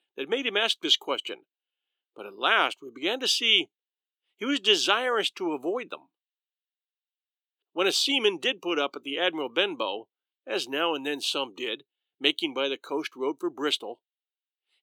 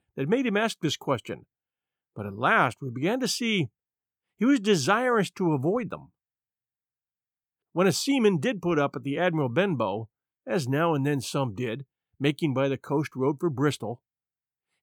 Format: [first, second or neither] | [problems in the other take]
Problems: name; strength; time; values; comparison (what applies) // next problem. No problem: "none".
second | thin; somewhat; fading below 350 Hz